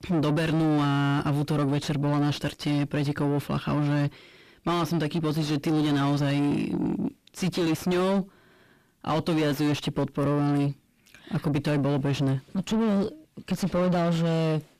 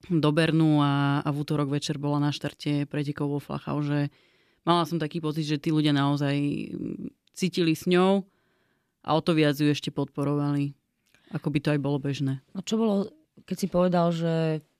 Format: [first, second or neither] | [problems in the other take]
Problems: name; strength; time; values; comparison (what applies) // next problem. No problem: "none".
second | distortion; heavy; 6 dB below the speech